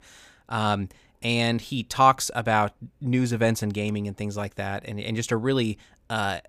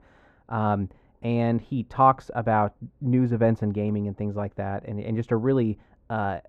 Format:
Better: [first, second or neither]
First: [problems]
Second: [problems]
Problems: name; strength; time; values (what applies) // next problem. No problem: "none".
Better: first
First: none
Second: muffled; very; fading above 3 kHz